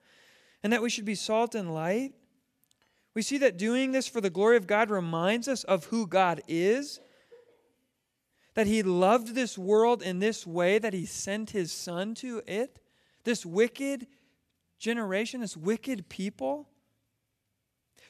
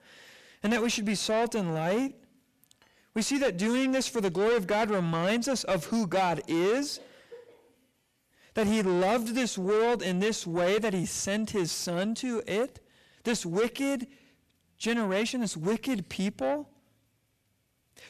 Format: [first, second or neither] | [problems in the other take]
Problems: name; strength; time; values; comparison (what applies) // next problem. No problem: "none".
first | distortion; heavy; 6 dB below the speech